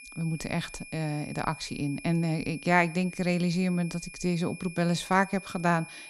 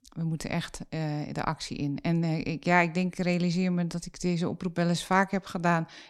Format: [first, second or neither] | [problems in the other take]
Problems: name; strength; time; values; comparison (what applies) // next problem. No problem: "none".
second | high-pitched whine; noticeable; throughout; 2.5 kHz, 15 dB below the speech